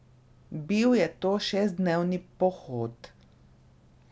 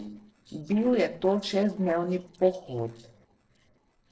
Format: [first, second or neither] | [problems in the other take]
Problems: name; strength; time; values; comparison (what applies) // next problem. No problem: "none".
first | noise reduction (neural separator model SepFormer DNS4)